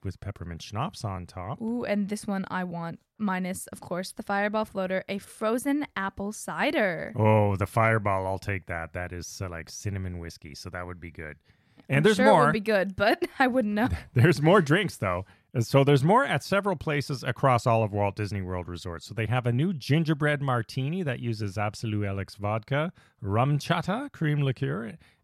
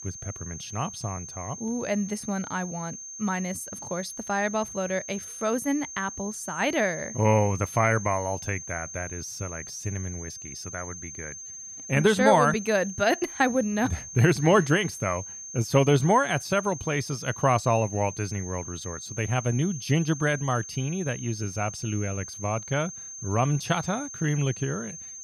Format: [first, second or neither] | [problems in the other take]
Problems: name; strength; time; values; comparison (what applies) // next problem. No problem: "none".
first | high-pitched whine; noticeable; throughout; 6.5 kHz, 10 dB below the speech